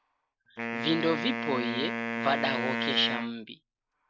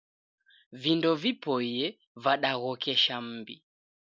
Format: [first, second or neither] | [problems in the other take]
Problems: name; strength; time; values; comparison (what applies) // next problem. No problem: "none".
second | background sound (Wind instrument, woodwind instrument); 2 dB below the speech